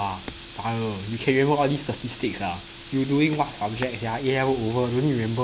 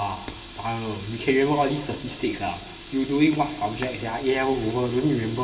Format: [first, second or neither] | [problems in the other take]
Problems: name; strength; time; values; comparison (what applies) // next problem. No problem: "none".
first | room echo; dies away in 2.1 s